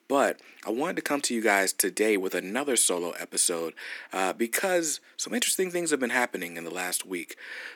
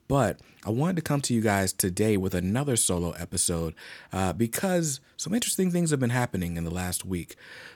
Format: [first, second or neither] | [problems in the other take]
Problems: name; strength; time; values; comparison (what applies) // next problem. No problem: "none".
second | thin; somewhat; fading below 250 Hz